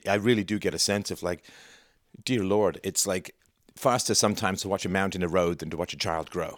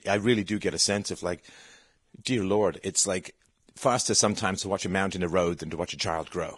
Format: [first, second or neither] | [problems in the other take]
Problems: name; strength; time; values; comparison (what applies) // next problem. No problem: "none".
first | garbled, watery; badly; nothing above 10 kHz